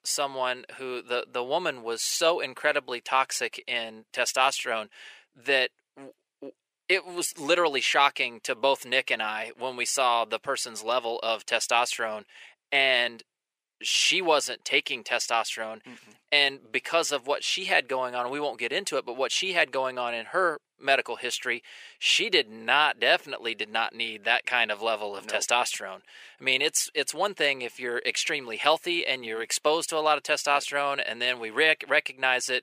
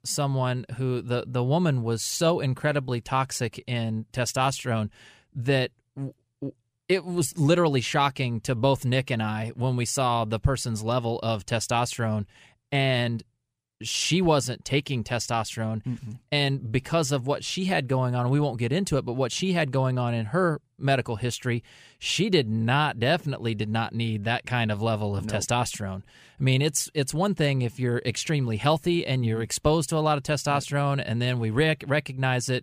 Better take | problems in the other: second | thin; very; fading below 400 Hz

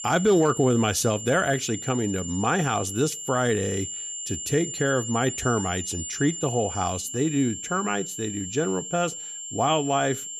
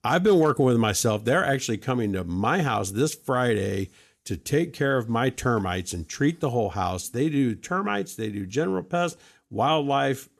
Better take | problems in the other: second | high-pitched whine; loud; throughout; 7 kHz, 7 dB below the speech

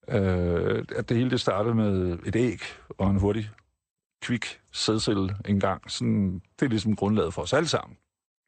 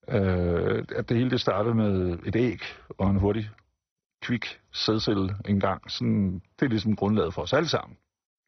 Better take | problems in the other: first | garbled, watery; badly; nothing above 6 kHz; slightly in the first

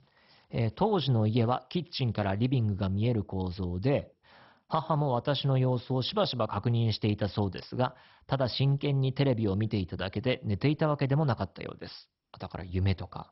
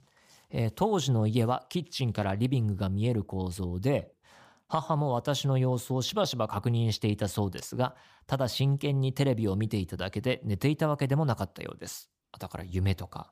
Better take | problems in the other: second | garbled, watery; badly; nothing above 5.5 kHz

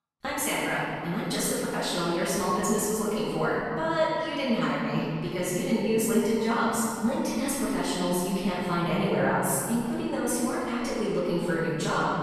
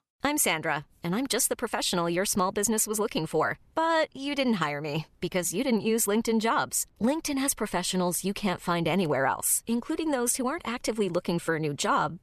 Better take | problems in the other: second | off-mic speech; far // room echo; strong; dies away in 2.5 s

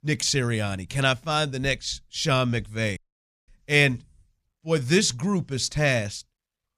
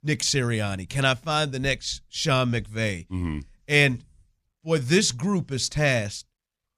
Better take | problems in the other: second | audio cutting out; at 3 s for 0.5 s

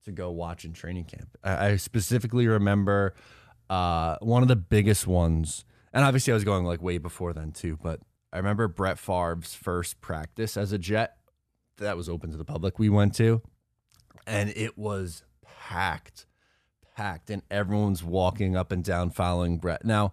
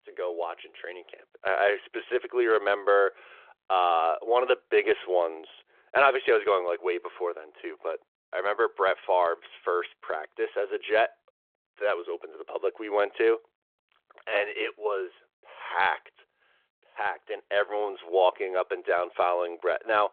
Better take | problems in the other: first | phone-call audio

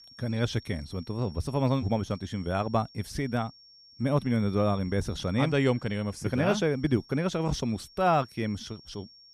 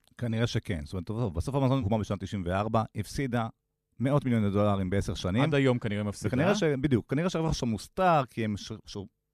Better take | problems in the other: second | high-pitched whine; faint; throughout; 5.5 kHz, 20 dB below the speech

